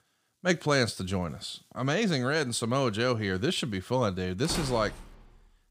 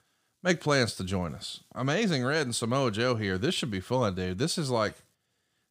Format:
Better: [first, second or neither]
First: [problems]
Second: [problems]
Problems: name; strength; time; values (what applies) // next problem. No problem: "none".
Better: second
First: door banging; noticeable; at 4.5 s; peak 7 dB below the speech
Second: none